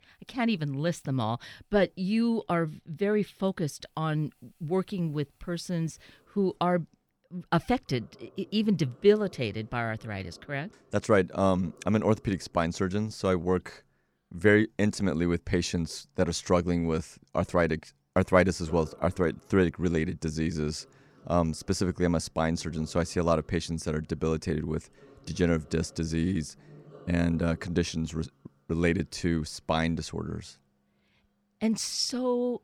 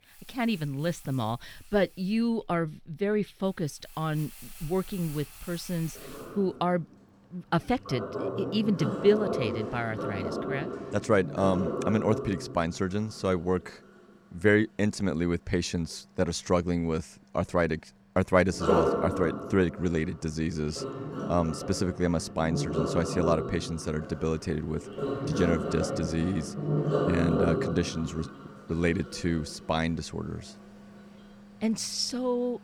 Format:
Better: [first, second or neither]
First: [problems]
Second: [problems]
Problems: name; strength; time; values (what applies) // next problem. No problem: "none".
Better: first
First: household noises; faint; throughout; 30 dB below the speech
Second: household noises; loud; throughout; 4 dB below the speech